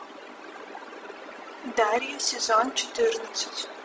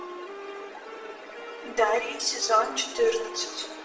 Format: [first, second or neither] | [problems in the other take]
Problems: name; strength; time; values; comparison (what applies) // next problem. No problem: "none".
first | background sound (Wind instrument, woodwind instrument); 13 dB below the speech // room echo; dies away in 0.7 s